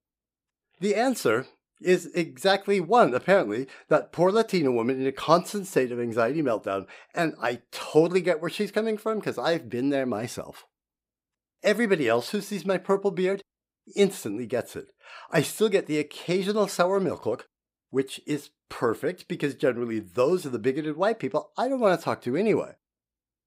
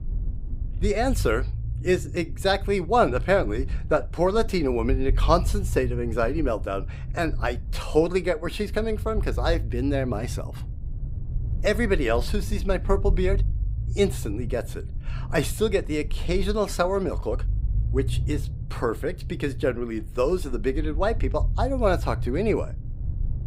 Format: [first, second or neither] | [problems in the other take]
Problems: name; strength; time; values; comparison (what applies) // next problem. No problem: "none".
first | low rumble; faint; throughout; 20 dB below the speech